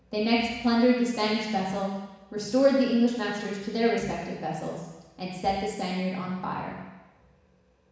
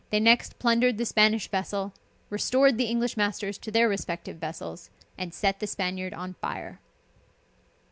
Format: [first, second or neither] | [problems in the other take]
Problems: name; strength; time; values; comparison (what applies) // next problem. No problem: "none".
second | room echo; dies away in 1.1 s